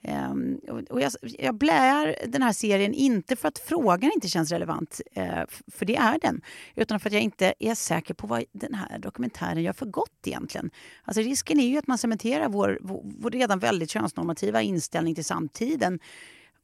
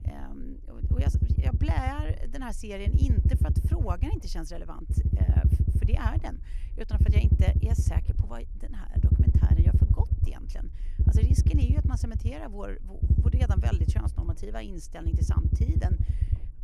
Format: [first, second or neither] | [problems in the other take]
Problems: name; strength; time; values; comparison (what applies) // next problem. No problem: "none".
first | low rumble; loud; throughout; as loud as the speech